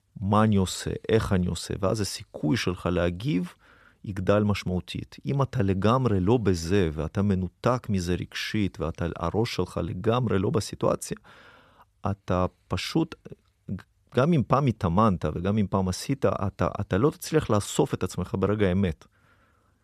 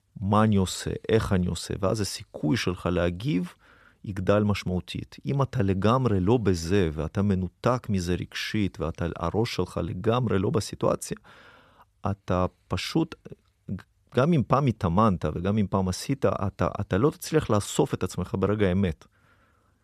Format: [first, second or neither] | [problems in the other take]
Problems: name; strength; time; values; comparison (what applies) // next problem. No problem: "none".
neither | none